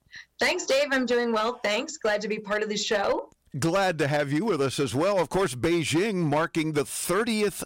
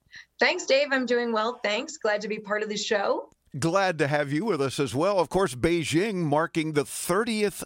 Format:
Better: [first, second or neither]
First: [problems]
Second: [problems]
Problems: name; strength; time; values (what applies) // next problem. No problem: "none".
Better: second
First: distortion; slight; 9% of the sound clipped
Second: none